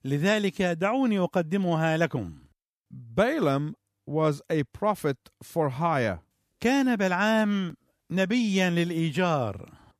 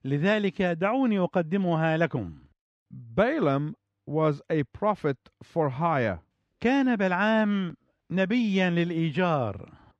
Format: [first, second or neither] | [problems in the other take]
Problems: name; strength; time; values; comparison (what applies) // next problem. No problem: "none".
first | muffled; slightly; fading above 3 kHz